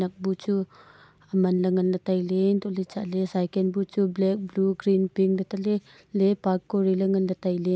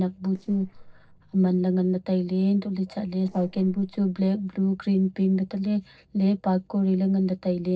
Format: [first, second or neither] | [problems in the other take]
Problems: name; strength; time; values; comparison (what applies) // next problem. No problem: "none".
first | noise reduction (neural separator model SepFormer DNS4)